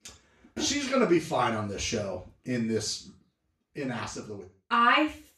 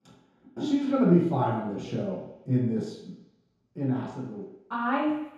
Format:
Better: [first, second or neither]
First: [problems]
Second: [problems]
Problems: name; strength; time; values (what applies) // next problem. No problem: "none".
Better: first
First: room echo; slight; dies away in 0.3 s // off-mic speech; far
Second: room echo; strong; dies away in 0.8 s // off-mic speech; far